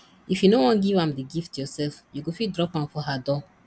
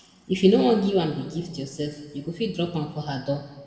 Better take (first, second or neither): first